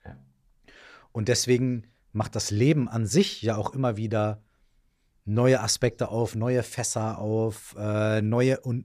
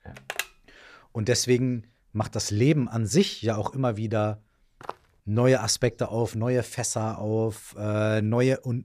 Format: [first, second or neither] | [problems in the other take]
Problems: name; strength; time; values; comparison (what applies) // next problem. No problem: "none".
first | phone ringing; noticeable; at the start; peak 7 dB below the speech // footsteps; faint; at 5 s; peak 15 dB below the speech